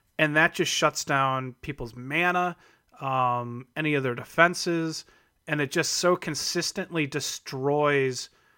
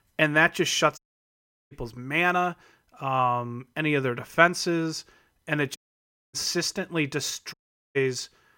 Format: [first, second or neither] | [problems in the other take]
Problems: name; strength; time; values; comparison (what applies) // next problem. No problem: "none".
first | audio cutting out; at 1 s for 0.5 s, at 6 s for 0.5 s and at 7.5 s